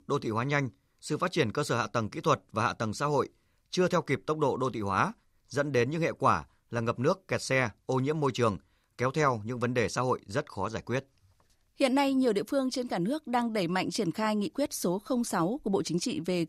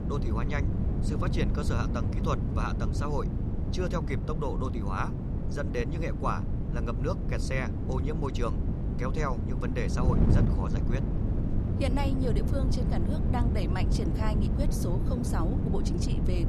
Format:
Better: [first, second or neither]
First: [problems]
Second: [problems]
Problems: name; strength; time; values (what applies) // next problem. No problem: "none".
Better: first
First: none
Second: wind noise on the microphone; heavy; 4 dB below the speech